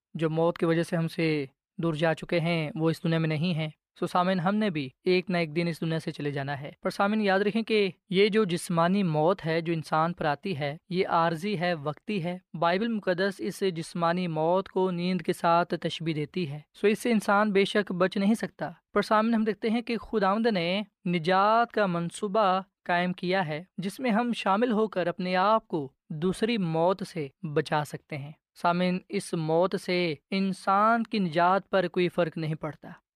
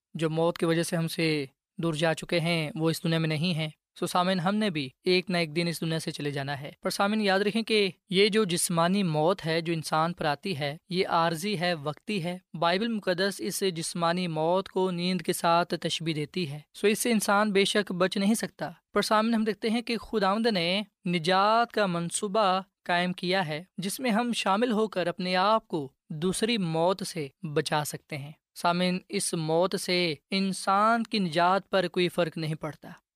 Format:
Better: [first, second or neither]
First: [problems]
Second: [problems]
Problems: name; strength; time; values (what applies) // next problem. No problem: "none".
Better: second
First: muffled; slightly; fading above 3.5 kHz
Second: none